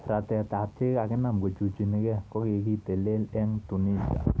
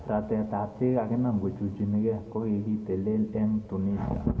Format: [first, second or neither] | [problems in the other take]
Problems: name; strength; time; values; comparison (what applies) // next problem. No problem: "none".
first | room echo; dies away in 1.3 s